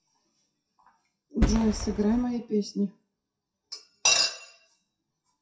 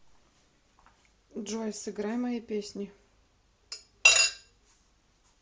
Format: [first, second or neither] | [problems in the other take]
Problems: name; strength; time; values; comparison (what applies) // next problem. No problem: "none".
second | noise reduction (classical method WPE with log-MMSE)